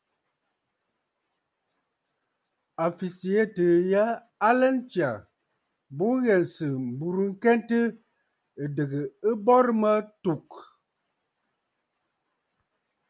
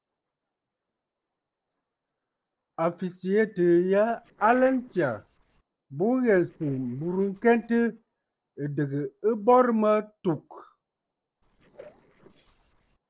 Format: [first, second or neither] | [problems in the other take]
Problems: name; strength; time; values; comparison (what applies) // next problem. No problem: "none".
first | noise reduction (neural separator model SepFormer DNS4)